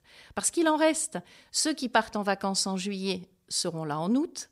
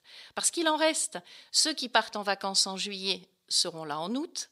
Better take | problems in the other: first | thin; very slightly; fading below 500 Hz

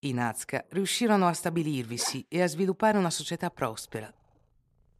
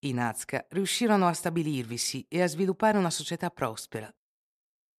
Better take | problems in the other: second | animal sounds; noticeable; throughout; 20 dB below the speech

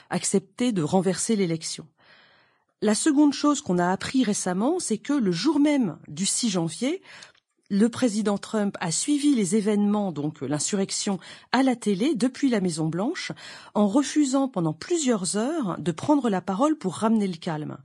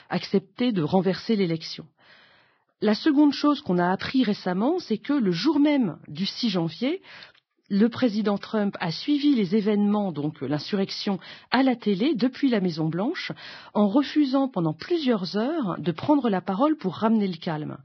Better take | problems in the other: first | garbled, watery; badly; nothing above 5.5 kHz; slightly in the first

